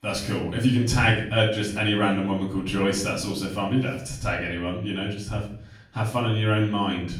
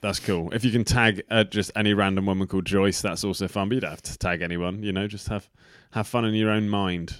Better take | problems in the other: second | off-mic speech; far // room echo; noticeable; dies away in 0.5 s

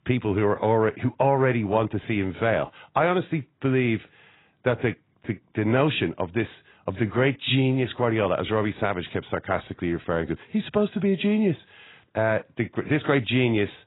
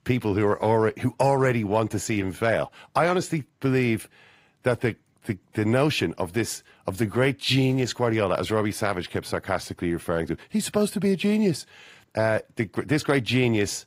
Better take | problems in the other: second | garbled, watery; badly; nothing above 4 kHz; slightly in the second

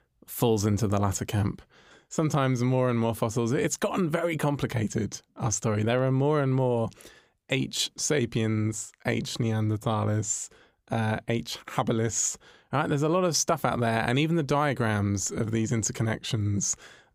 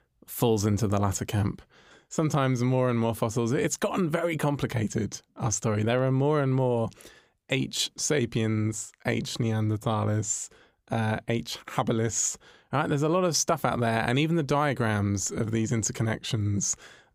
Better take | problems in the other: neither | none

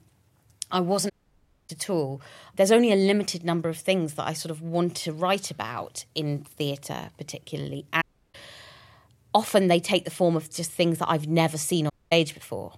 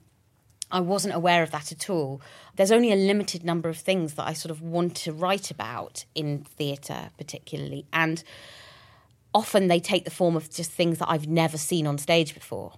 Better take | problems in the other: second | audio cutting out; at 1 s for 0.5 s, at 8 s and at 12 s

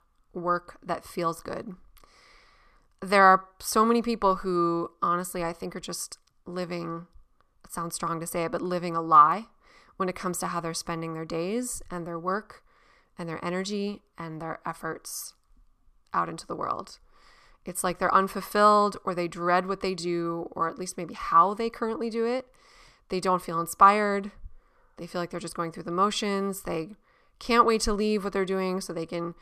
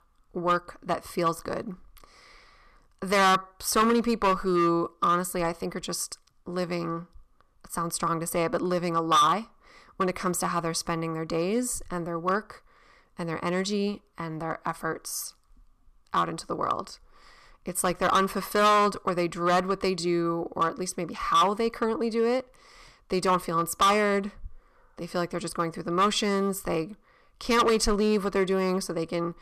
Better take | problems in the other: first | distortion; heavy; 4% of the sound clipped

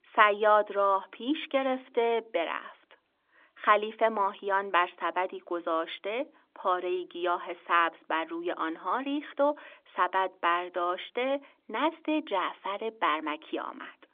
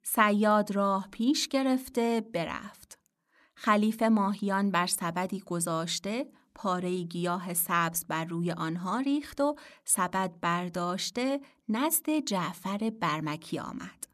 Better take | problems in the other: second | phone-call audio; nothing above 3.5 kHz

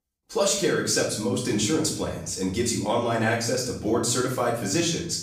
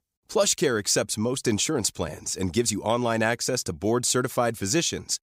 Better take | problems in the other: second | room echo; noticeable; dies away in 0.6 s // off-mic speech; far

